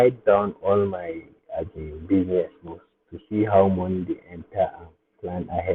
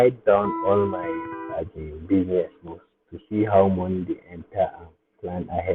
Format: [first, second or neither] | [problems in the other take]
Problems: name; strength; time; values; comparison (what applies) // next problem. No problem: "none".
first | background sound (Electric guitar); 7 dB below the speech